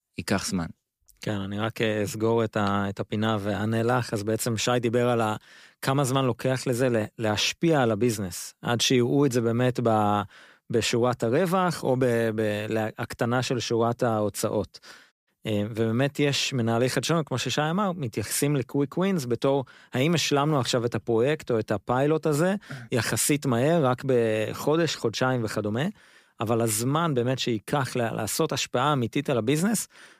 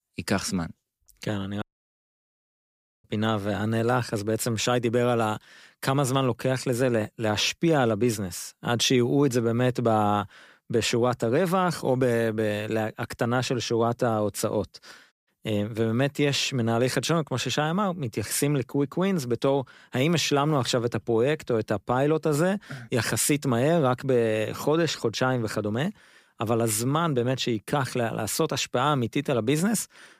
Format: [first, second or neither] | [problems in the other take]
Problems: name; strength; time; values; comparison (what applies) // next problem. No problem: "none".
first | audio cutting out; at 1.5 s for 1.5 s